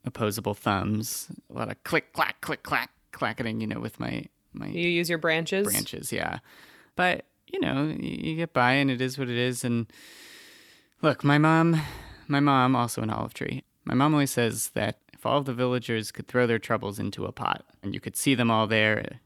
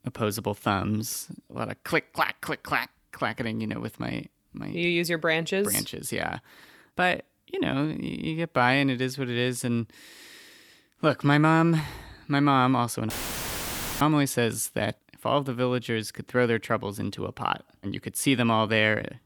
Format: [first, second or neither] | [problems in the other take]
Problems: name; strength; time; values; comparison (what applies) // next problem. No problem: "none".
first | audio cutting out; filled with static; at 13 s for 1 s